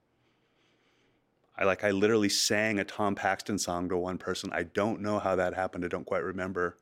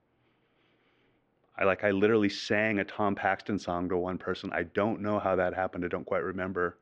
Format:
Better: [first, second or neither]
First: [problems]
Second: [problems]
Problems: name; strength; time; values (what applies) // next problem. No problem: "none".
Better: first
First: none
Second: muffled; slightly; fading above 3.5 kHz